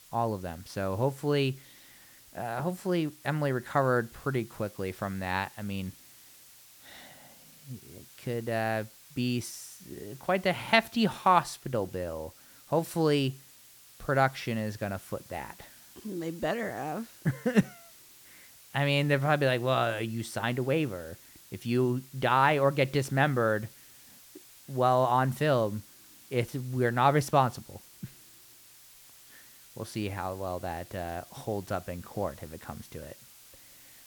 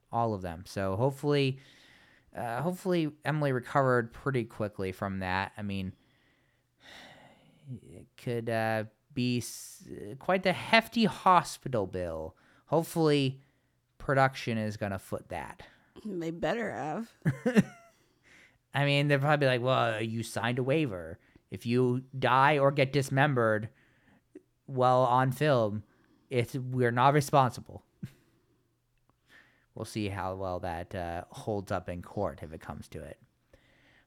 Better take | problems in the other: second | hiss; faint; throughout; 20 dB below the speech

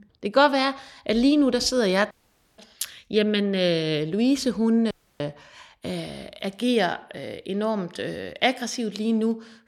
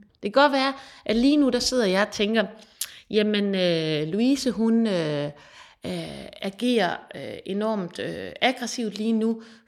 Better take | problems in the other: second | audio cutting out; at 2 s and at 5 s

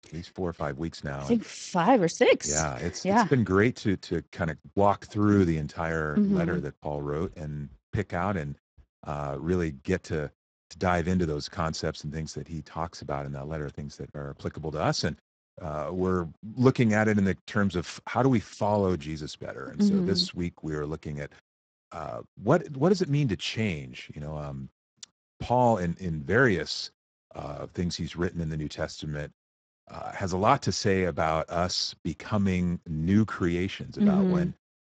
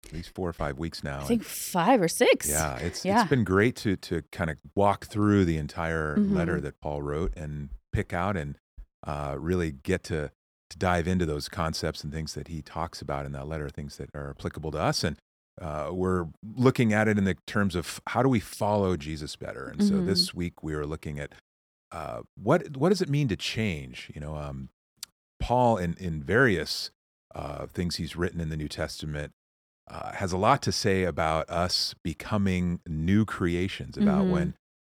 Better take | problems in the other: second | garbled, watery; badly; nothing above 7.5 kHz

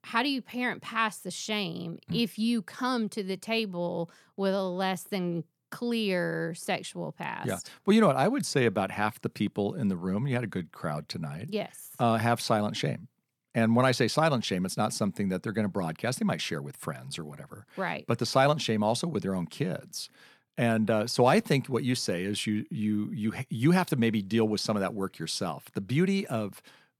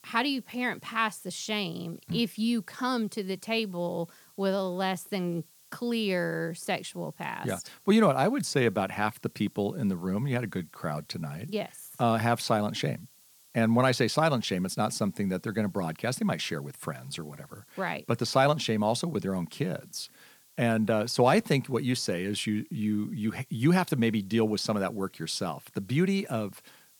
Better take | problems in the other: first | hiss; faint; throughout; 25 dB below the speech

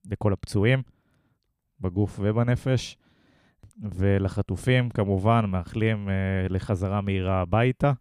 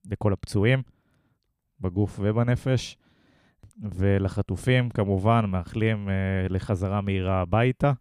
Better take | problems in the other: neither | none

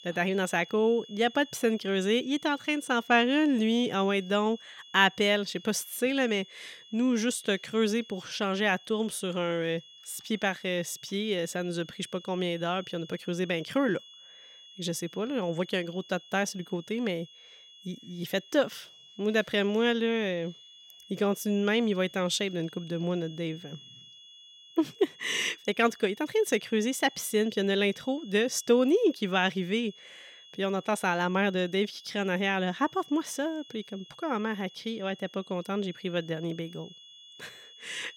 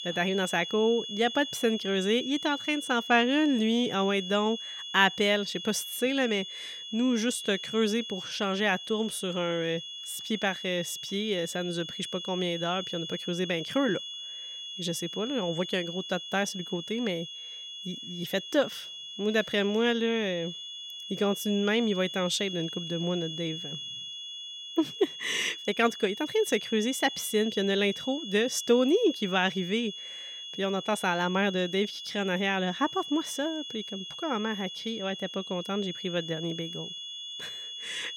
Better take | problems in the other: first | high-pitched whine; loud; throughout; 3.5 kHz, 8 dB below the speech; faint in the first

